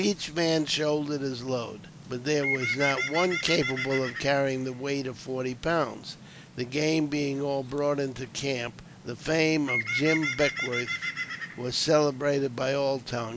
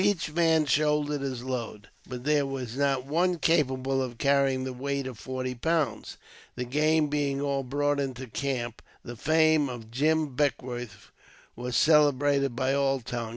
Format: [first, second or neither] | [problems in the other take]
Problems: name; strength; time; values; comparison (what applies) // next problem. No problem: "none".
second | background sound (Bird); 8 dB below the speech